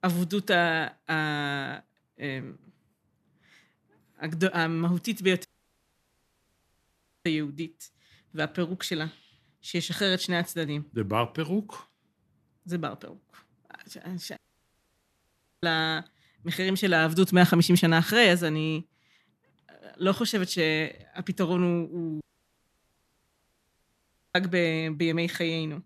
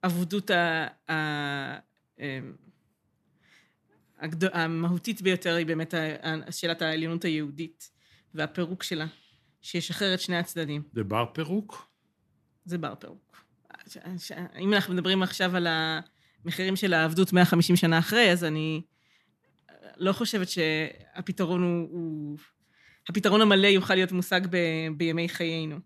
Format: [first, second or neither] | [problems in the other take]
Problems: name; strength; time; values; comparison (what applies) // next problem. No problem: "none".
second | audio cutting out; at 5.5 s for 2 s, at 14 s for 1.5 s and at 22 s for 2 s